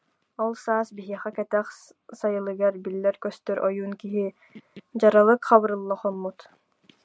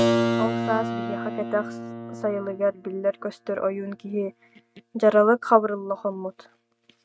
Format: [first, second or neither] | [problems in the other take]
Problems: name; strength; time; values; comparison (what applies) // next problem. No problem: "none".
first | noise reduction (neural mask model RNNoise)